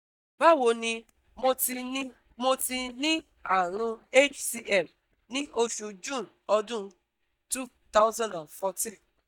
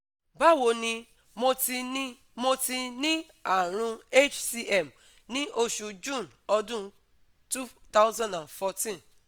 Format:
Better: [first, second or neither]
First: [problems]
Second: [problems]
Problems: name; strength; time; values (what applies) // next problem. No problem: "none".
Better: second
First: noise reduction (neural mask model DeepFilterNet 3)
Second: none